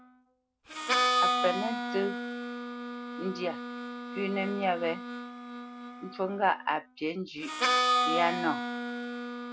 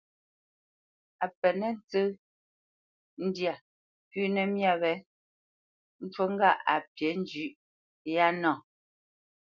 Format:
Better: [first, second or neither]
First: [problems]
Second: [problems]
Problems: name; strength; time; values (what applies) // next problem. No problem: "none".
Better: second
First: background sound (Harmonica); 2 dB above the speech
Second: none